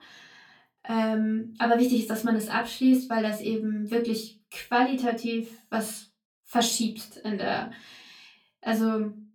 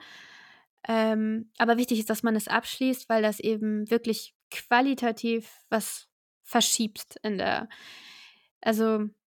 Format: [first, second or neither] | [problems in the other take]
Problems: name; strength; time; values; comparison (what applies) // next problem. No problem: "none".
second | off-mic speech; far // room echo; very slight; dies away in 0.2 s